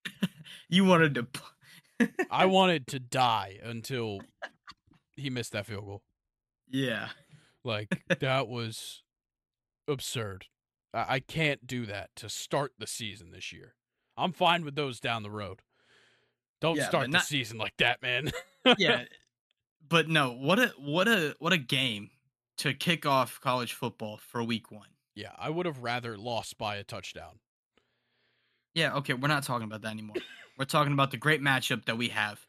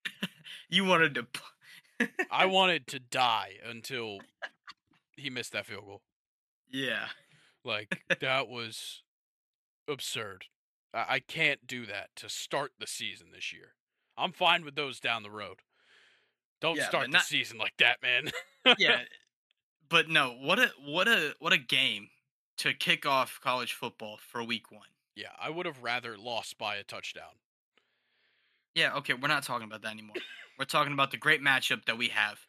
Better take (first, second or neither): first